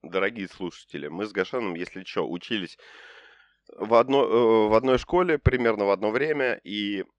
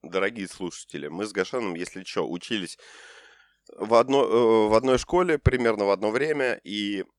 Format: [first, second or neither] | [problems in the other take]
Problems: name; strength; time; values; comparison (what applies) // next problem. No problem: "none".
second | muffled; very slightly; fading above 3 kHz